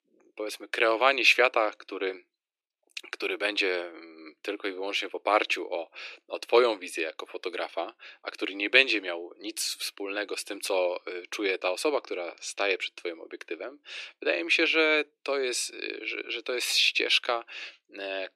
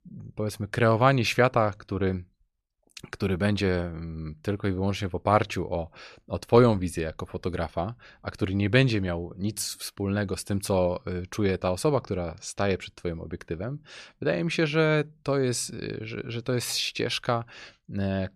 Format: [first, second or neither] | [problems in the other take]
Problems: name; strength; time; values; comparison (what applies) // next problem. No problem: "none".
second | thin; very; fading below 300 Hz